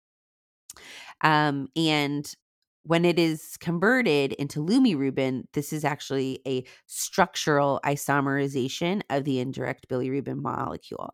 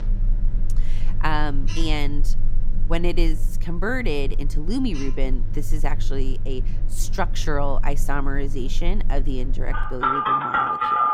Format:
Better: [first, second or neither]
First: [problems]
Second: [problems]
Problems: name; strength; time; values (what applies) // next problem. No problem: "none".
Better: first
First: none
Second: alarms or sirens; very loud; throughout; 3 dB above the speech